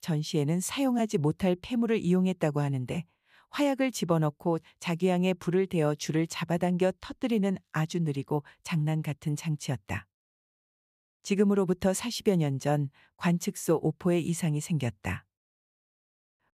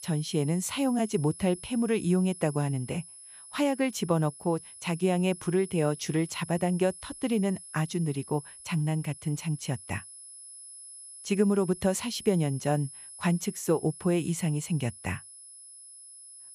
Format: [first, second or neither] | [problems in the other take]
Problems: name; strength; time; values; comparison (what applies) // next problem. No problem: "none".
first | high-pitched whine; noticeable; throughout; 10.5 kHz, 15 dB below the speech